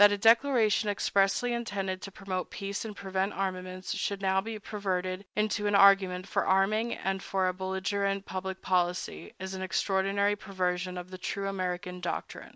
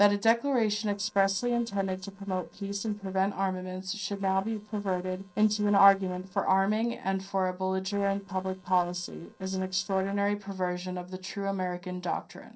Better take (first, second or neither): first